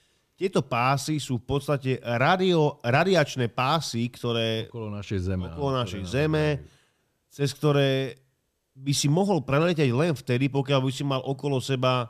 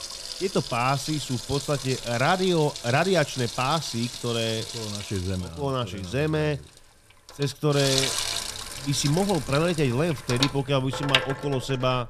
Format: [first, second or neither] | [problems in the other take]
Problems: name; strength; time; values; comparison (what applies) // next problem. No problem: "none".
first | household noises; loud; throughout; 5 dB below the speech